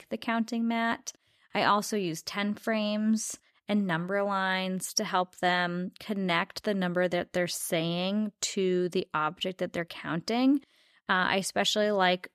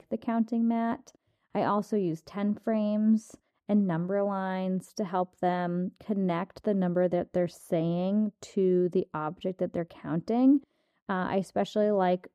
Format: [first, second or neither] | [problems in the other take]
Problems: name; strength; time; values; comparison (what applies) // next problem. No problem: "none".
first | muffled; very; fading above 1 kHz